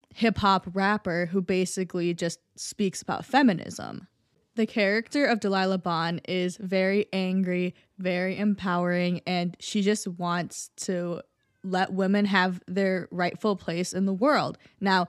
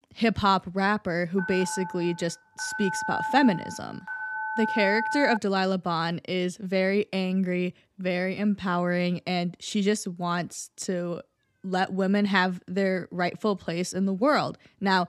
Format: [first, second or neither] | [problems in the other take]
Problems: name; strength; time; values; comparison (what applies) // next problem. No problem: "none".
first | phone ringing; noticeable; from 1.5 to 5.5 s; peak 1 dB below the speech